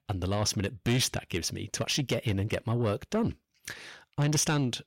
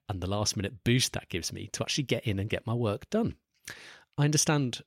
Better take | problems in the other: second | distortion; slight; 10 dB below the speech

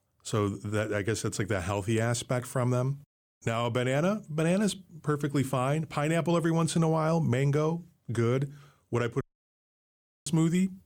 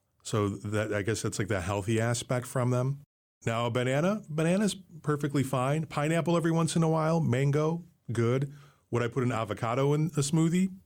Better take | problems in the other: second | audio cutting out; at 9 s for 1 s

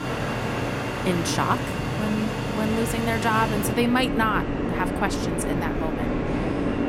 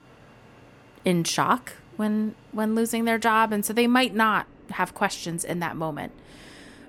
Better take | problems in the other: second | train or aircraft noise; loud; throughout; 1 dB below the speech; faint in the second

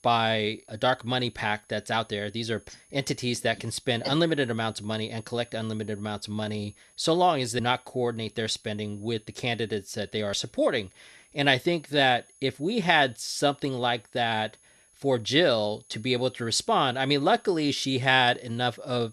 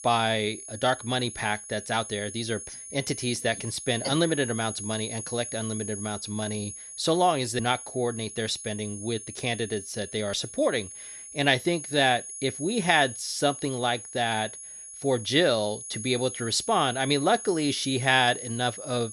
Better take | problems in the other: first | high-pitched whine; loud; throughout; 10 kHz, 10 dB below the speech; faint in the first

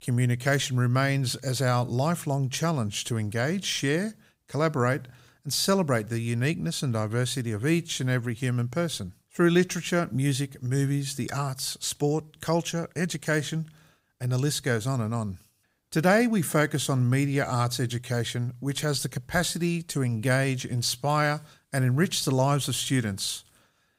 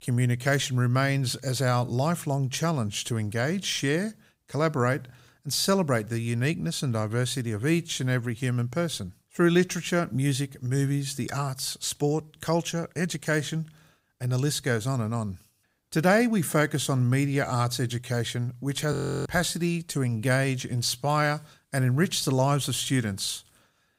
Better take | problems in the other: first | audio freezing; at 19 s

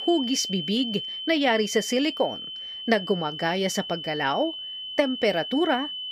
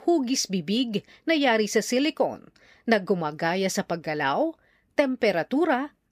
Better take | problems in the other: second | high-pitched whine; loud; throughout; 3 kHz, 7 dB below the speech

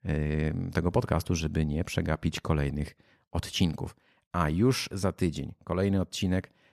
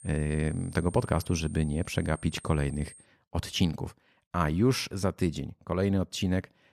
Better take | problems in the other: first | high-pitched whine; noticeable; until 3 s; 8.5 kHz, 20 dB below the speech

